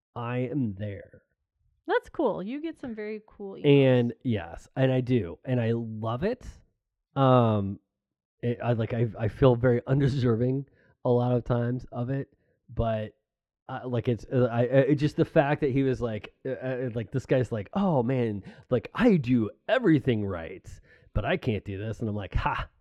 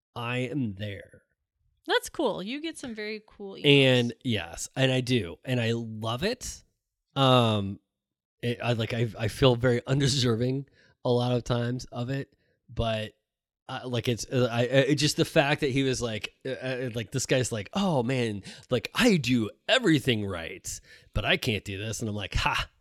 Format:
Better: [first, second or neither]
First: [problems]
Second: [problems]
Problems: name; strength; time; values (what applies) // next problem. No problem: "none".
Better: second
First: muffled; very; fading above 3 kHz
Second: none